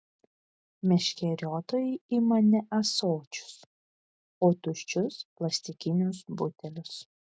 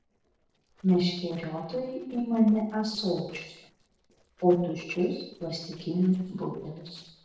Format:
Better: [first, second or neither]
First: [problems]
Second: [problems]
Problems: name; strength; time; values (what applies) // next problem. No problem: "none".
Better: first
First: none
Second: noise reduction (neural separator model SepFormer DNS4)